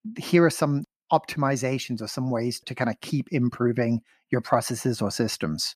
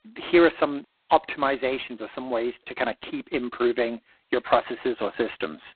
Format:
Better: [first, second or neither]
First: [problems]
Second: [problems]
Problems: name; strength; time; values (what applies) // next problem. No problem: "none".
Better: first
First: none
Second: phone-call audio; poor line; nothing above 4 kHz